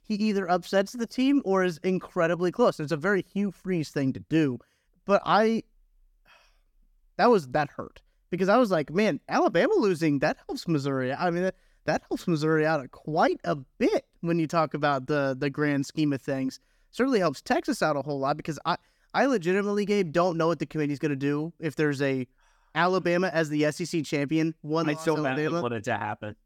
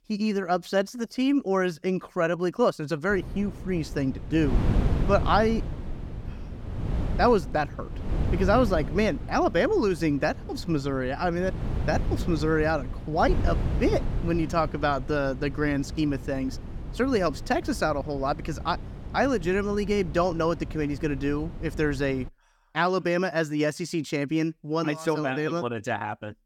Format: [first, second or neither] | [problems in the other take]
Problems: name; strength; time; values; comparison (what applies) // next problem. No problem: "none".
first | wind noise on the microphone; occasional gusts; from 3 to 22 s; 15 dB below the speech